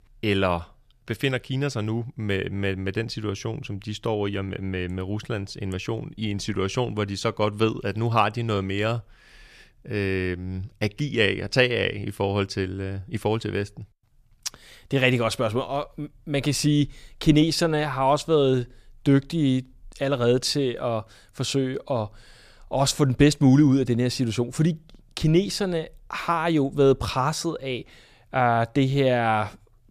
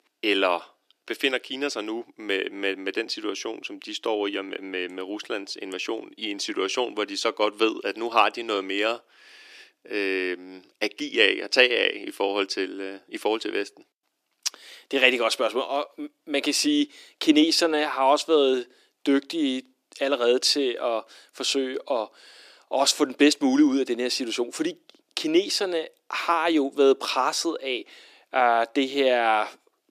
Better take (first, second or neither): first